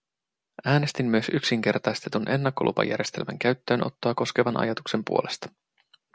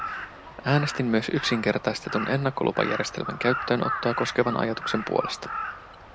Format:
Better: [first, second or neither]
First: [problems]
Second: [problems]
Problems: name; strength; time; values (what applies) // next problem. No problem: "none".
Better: first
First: none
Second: background sound (Crow); 8 dB below the speech